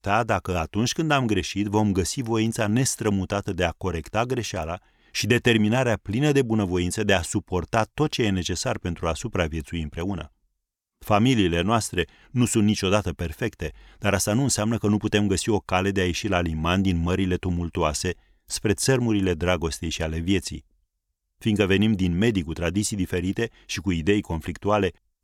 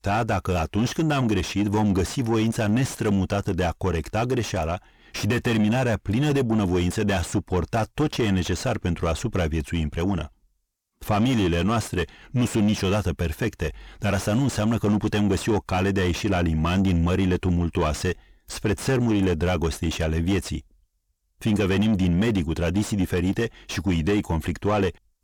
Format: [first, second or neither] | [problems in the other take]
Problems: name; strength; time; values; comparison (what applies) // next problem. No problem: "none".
first | distortion; heavy; 7 dB below the speech